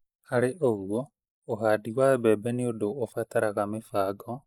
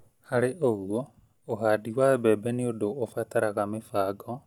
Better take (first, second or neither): second